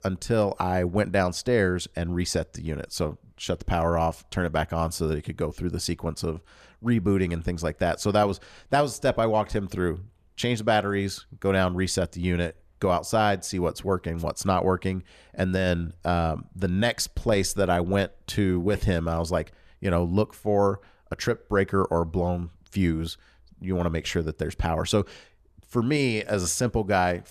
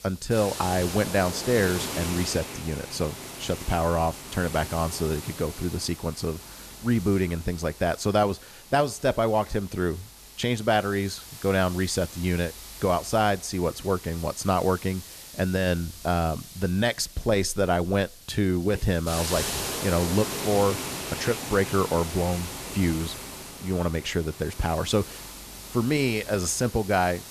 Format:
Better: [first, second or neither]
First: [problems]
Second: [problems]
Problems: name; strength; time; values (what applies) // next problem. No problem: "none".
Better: first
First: none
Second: hiss; loud; throughout; 10 dB below the speech